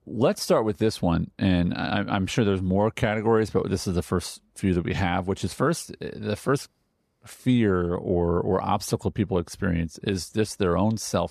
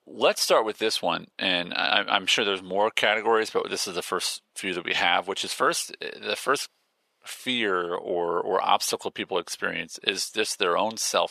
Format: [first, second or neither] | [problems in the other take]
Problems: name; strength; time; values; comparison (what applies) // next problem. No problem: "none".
first | thin; very; fading below 600 Hz